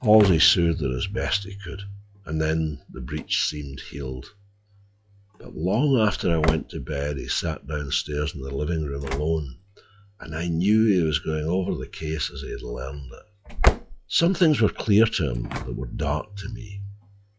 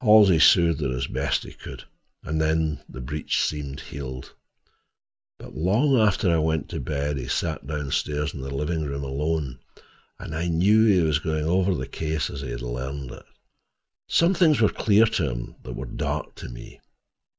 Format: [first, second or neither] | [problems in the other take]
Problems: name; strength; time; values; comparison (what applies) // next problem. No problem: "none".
second | noise reduction (classical method log-MMSE)